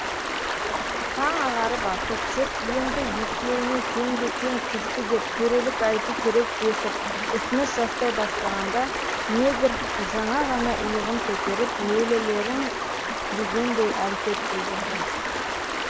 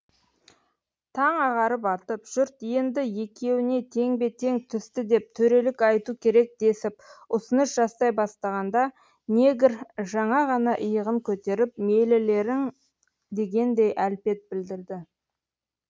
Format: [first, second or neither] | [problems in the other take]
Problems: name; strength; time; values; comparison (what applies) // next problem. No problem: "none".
second | background sound (Stream); as loud as the speech